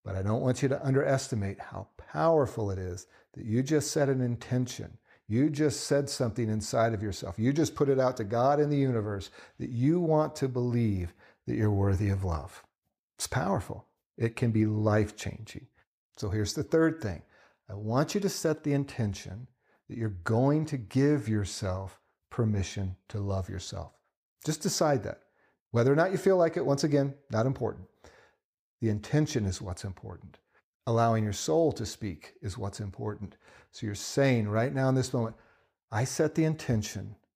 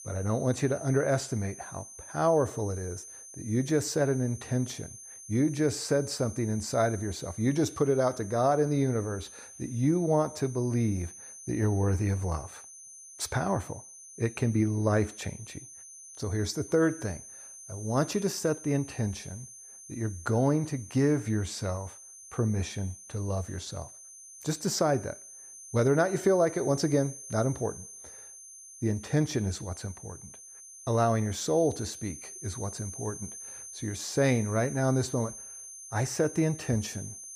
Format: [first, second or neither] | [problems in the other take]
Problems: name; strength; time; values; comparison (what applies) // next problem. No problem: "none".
first | high-pitched whine; noticeable; throughout; 6.5 kHz, 15 dB below the speech